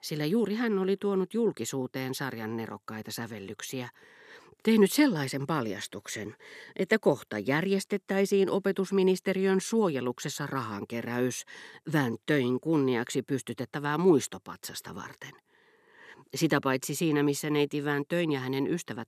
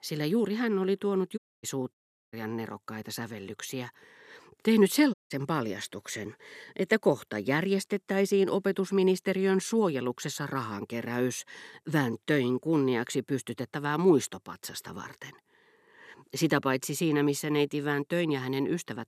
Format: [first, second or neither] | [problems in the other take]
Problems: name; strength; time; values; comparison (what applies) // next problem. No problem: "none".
first | audio cutting out; at 1.5 s, at 2 s and at 5 s